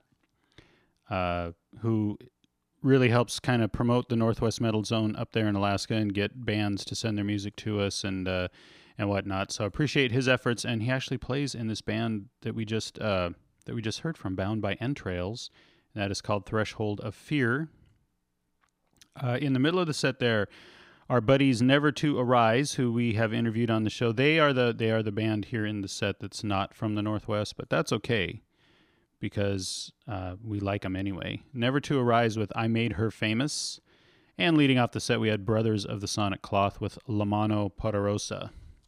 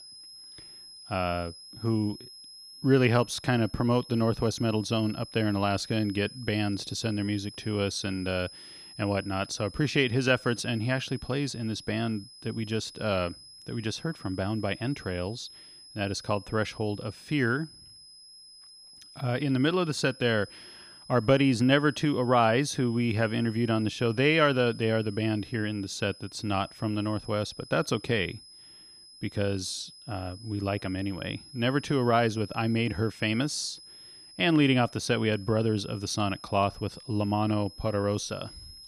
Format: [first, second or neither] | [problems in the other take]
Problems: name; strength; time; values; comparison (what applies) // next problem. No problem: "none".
first | high-pitched whine; noticeable; throughout; 5 kHz, 20 dB below the speech